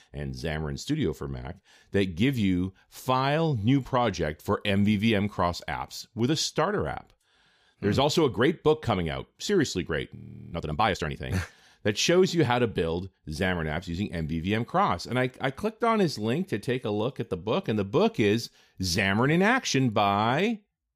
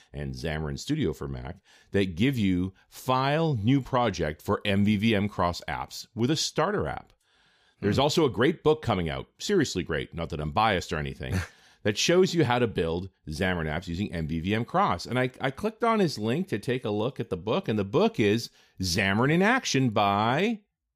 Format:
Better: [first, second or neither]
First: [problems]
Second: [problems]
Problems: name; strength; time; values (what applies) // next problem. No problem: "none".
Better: second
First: audio freezing; at 10 s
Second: none